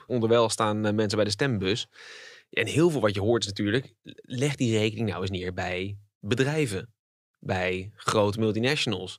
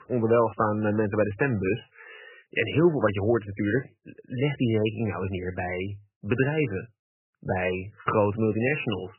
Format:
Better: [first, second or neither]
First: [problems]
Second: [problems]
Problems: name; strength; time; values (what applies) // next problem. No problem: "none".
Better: first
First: none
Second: garbled, watery; badly; nothing above 3 kHz